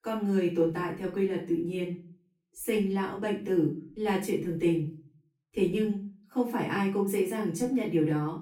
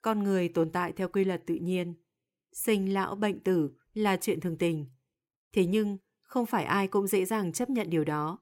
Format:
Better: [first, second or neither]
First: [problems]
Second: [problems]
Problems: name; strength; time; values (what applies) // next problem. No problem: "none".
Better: second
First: room echo; slight; dies away in 0.4 s // off-mic speech; far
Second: none